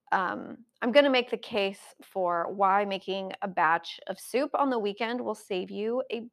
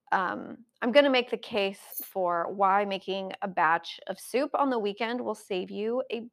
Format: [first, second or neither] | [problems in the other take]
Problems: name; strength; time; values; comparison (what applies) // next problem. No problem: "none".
first | jangling keys; faint; at 2 s; peak 10 dB below the speech